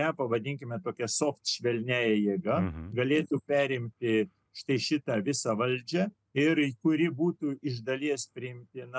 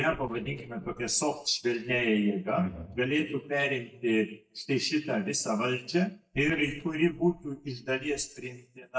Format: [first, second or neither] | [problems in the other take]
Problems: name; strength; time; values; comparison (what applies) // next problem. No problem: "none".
first | noise reduction (neural mask model DeepFilterNet 3)